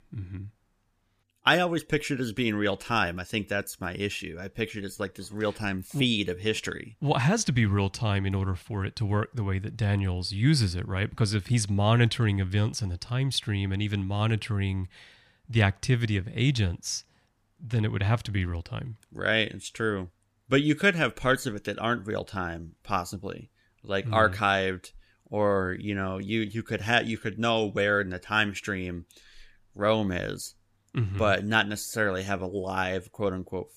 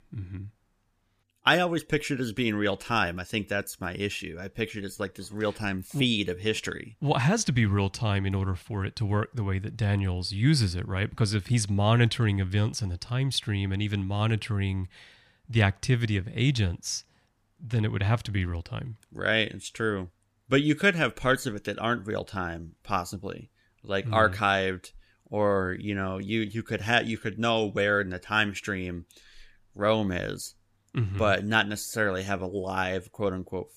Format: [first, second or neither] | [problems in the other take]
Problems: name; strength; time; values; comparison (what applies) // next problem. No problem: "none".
neither | none